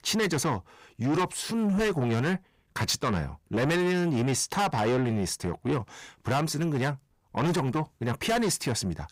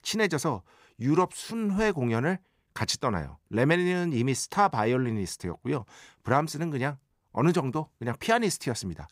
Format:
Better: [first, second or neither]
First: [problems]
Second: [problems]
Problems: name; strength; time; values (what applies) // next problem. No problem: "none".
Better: second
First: distortion; heavy; 6 dB below the speech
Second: none